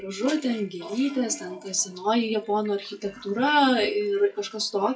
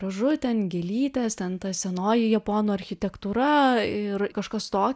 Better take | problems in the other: second | noise reduction (classical method WPE with log-MMSE)

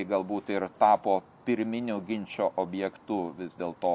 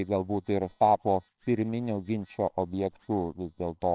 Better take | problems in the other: first | noise reduction (neural separator model SepFormer WHAMR!)

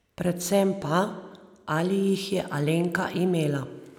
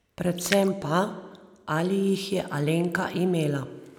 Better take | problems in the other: first | background sound (Splash, splatter); 13 dB below the speech

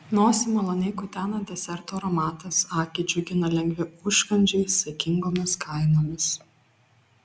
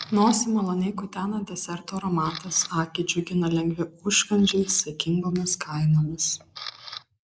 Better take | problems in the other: first | noise reduction (neural mask model Resemble Enhance denoiser)

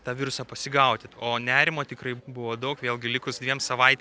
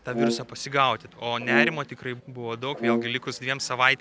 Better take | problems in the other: first | background sound (Brass instrument); 3 dB below the speech

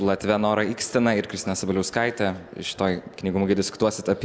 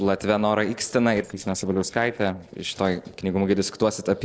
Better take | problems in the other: first | noise reduction (neural separator model SepFormer DNS4)

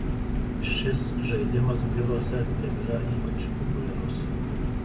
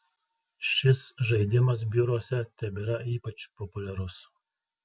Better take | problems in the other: second | background sound (Engine); 4 dB above the speech // room echo; dies away in 0.6 s

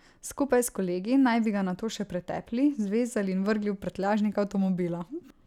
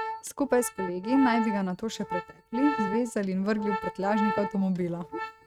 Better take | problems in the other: first | noise reduction (neural mask model RNNoise)

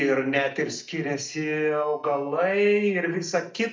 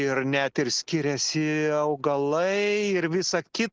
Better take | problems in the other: second | noise reduction (neural mask model DeepFilterNet 3)

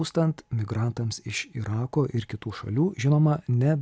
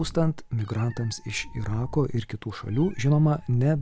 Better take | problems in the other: first | background sound (Meow); 11 dB below the speech

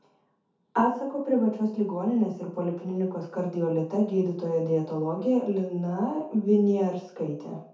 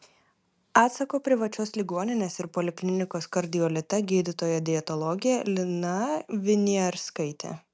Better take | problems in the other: second | room echo; dies away in 0.5 s

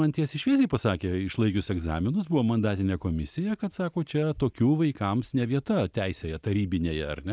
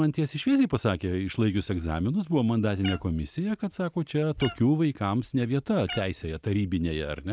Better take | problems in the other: first | background sound (Meow); 15 dB below the speech

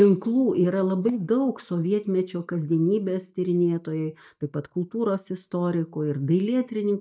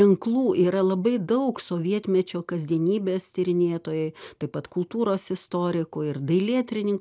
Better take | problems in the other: second | noise reduction (neural mask model DeepFilterNet 3)

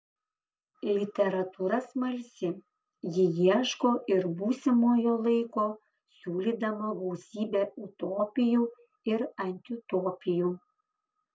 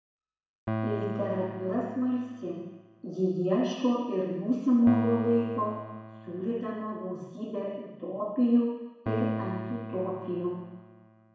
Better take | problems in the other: first | background sound (Piano); 9 dB below the speech // room echo; dies away in 1.1 s

